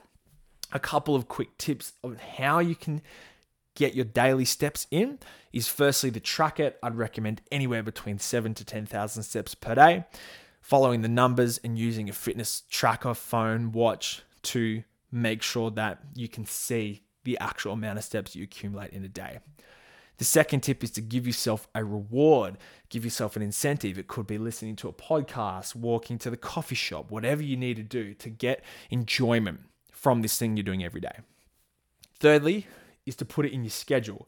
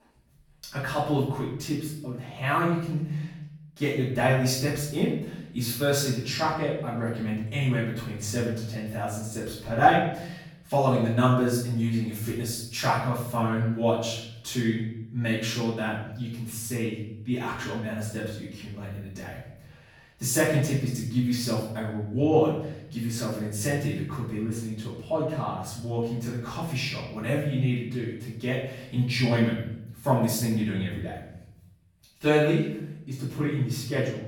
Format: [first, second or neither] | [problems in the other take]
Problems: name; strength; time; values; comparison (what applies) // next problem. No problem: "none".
first | off-mic speech; far // room echo; noticeable; dies away in 0.8 s